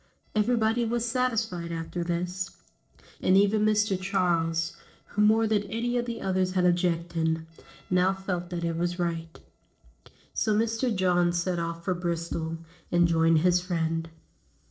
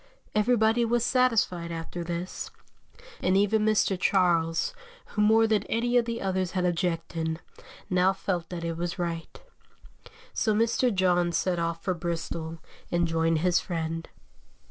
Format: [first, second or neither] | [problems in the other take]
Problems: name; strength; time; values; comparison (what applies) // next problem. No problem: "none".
second | noise reduction (neural separator model SepFormer DNS4)